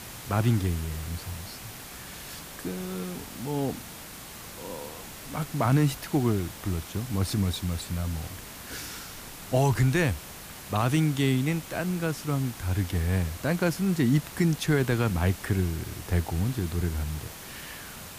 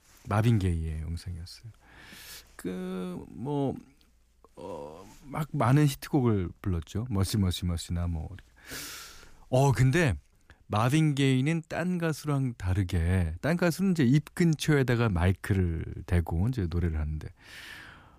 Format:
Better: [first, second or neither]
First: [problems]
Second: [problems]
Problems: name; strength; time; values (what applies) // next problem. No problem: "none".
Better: second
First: hiss; noticeable; throughout; 15 dB below the speech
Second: none